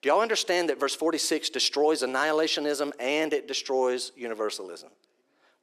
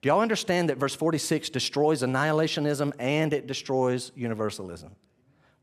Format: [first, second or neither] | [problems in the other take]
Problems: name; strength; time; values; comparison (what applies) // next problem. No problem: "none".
second | thin; somewhat; fading below 350 Hz